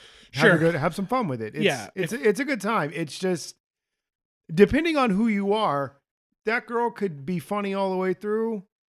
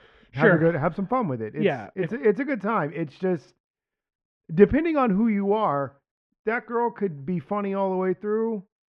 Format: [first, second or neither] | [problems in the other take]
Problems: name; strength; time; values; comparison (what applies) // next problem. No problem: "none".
first | muffled; very; fading above 1.5 kHz